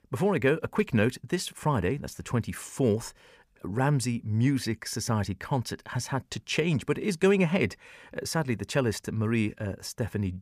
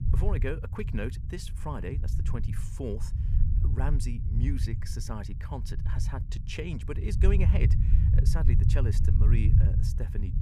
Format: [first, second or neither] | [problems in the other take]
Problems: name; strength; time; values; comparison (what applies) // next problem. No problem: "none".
first | low rumble; loud; throughout; 4 dB below the speech